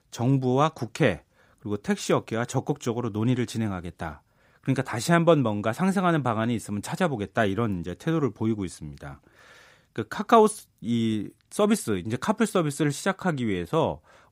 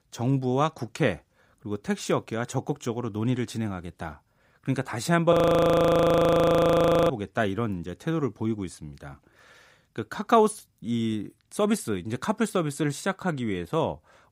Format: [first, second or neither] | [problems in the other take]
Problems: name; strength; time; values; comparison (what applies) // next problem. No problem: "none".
first | audio freezing; at 5.5 s for 2 s